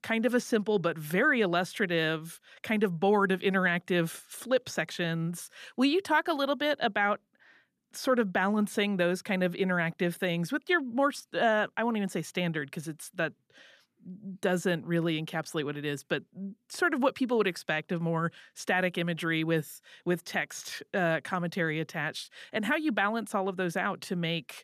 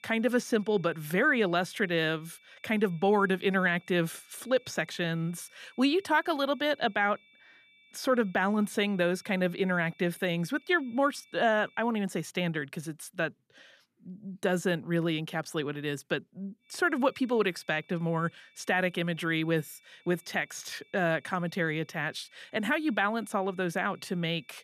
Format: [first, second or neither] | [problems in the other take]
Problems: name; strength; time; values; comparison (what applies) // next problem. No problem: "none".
first | high-pitched whine; faint; until 12 s and from 17 s on; 2.5 kHz, 30 dB below the speech